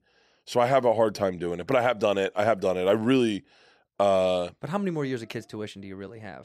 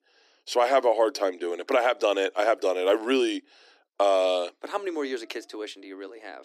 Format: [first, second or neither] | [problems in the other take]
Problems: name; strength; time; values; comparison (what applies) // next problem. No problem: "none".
first | thin; very slightly; fading below 300 Hz